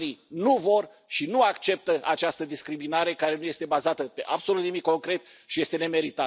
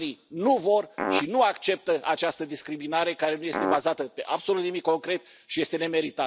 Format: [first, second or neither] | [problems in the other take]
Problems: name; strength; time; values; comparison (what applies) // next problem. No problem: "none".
first | background sound (Fart); 1 dB above the speech